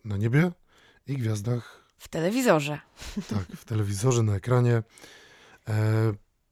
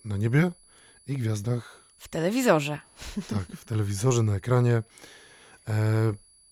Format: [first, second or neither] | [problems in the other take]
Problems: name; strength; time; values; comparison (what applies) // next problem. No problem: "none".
first | high-pitched whine; faint; throughout; 10 kHz, 30 dB below the speech